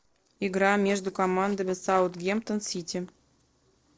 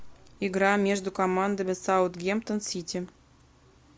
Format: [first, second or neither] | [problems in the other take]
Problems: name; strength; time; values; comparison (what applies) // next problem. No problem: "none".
second | noise reduction (neural separator model SepFormer DNS4)